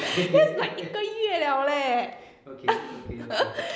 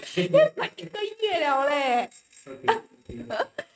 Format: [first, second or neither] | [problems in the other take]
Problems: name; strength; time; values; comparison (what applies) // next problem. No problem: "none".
first | noise reduction (neural mask model RNNoise)